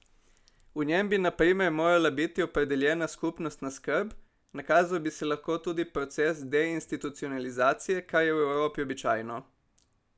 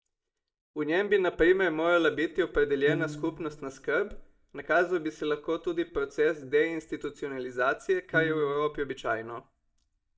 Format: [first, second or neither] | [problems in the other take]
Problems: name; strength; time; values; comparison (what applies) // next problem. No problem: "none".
first | noise reduction (neural mask model DeepFilterNet 3)